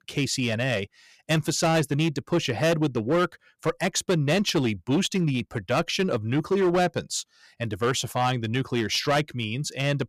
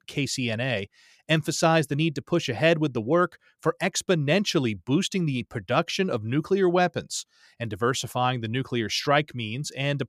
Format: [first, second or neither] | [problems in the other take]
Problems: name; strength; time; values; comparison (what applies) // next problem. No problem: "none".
second | distortion; slight; 8% of the sound clipped